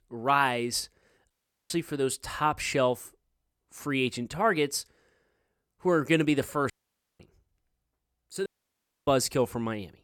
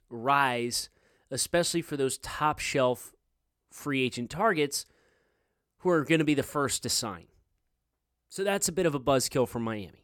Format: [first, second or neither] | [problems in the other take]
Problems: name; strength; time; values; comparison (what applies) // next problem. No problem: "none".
second | audio cutting out; at 1.5 s, at 6.5 s and at 8.5 s for 0.5 s